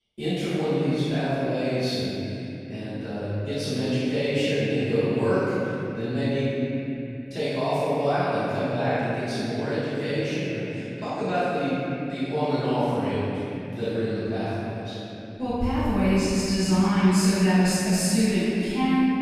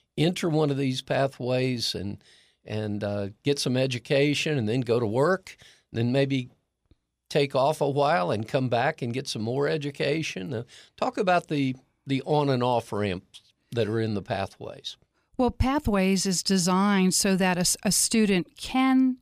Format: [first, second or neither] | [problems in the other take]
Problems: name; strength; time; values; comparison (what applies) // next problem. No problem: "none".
second | off-mic speech; far // room echo; strong; dies away in 3 s